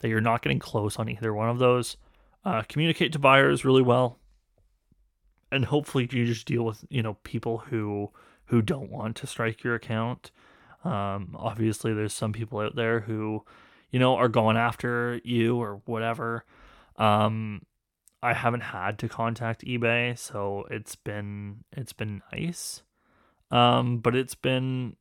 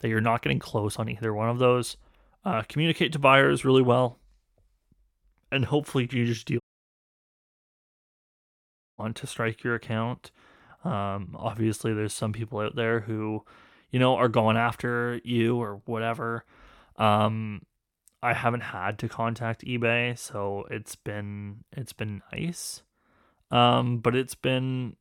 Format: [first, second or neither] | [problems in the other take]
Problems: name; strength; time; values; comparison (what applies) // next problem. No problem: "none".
first | audio cutting out; at 6.5 s for 2.5 s